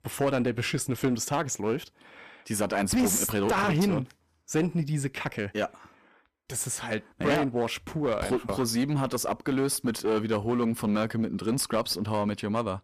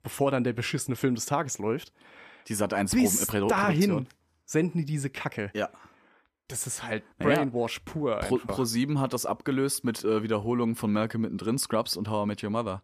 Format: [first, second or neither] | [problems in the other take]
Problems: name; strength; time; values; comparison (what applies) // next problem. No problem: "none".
second | distortion; slight; 9% of the sound clipped